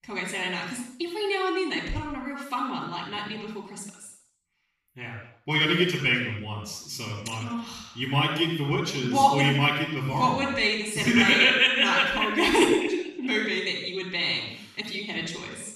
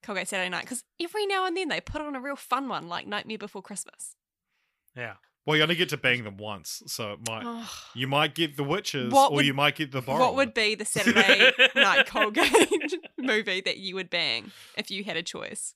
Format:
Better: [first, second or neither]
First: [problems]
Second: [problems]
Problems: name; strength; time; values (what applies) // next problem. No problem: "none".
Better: second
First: room echo; noticeable; dies away in 0.7 s // off-mic speech; far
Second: none